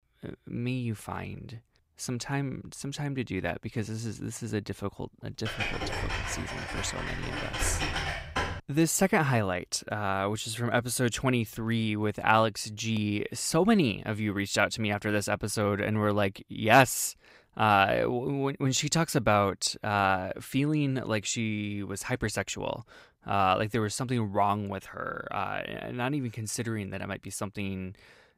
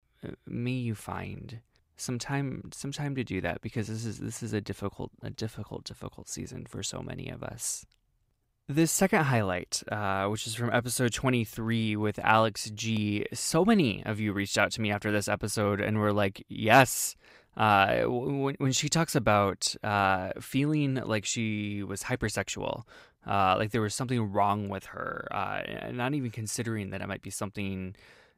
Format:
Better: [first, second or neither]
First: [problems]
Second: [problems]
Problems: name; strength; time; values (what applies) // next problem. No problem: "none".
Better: second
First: keyboard typing; noticeable; from 5.5 to 8.5 s; peak 2 dB below the speech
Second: none